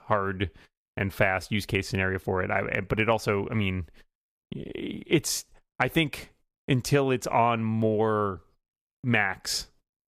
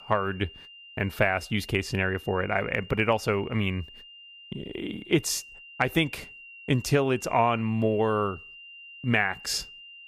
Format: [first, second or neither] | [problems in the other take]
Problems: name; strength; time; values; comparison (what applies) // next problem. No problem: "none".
first | high-pitched whine; noticeable; throughout; 3 kHz, 20 dB below the speech